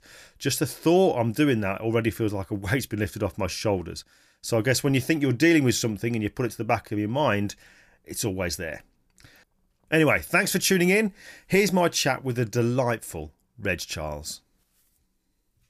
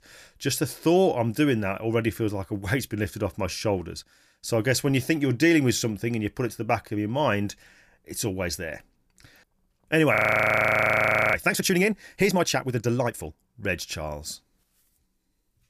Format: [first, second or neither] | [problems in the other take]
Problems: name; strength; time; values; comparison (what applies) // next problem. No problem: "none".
first | audio freezing; at 10 s for 1 s